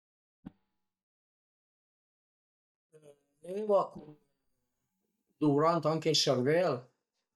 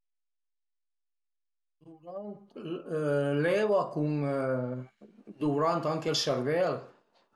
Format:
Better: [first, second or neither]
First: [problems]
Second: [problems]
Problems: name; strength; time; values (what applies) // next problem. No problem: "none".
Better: second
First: noise reduction (neural mask model DeepFilterNet 3)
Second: none